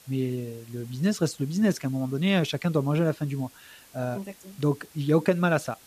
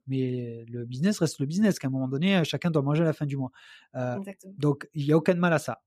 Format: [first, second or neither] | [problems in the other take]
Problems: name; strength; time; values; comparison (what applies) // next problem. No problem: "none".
second | hiss; faint; throughout; 25 dB below the speech